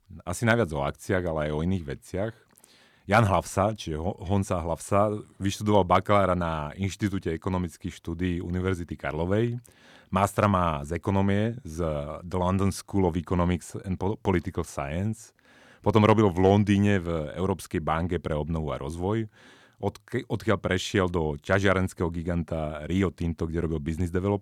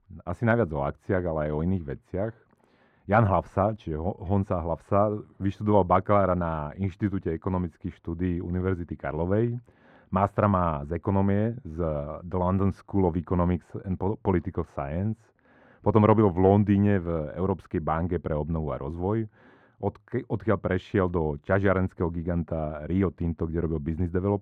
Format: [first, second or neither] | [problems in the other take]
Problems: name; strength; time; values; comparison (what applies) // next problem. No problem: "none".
first | muffled; very; fading above 3 kHz